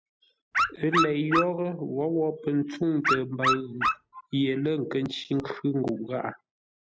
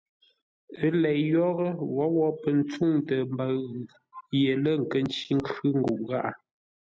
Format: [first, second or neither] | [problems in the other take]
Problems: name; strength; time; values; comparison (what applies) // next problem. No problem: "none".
second | background sound (Dog); 1 dB above the speech